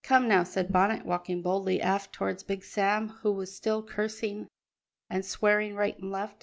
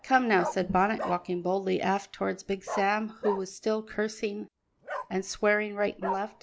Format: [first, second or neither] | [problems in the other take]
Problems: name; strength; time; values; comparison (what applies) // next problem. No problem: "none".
first | background sound (Bark); 11 dB below the speech